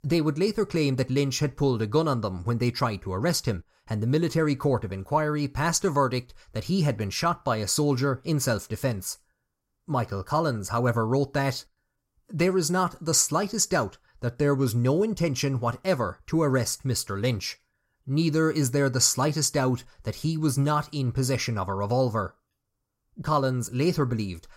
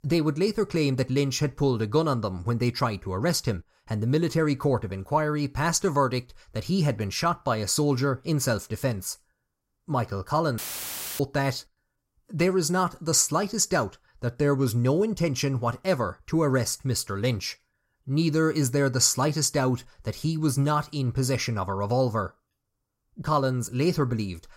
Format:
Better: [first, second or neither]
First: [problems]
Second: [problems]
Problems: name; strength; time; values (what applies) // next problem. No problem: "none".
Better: first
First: none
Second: audio cutting out; filled with static; at 11 s for 0.5 s